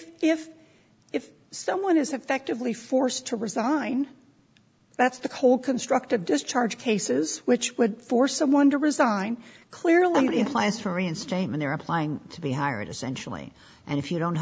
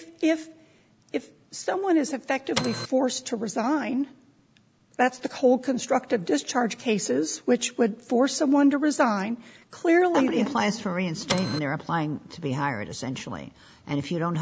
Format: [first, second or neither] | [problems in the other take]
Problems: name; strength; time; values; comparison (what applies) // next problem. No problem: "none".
first | background sound (Printer); 3 dB below the speech